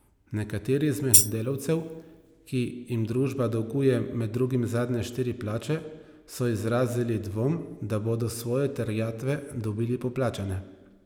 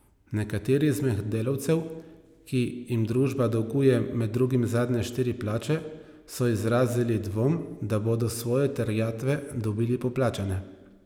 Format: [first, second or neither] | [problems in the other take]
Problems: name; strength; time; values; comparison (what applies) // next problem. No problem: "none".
second | background sound (Tambourine); 3 dB above the speech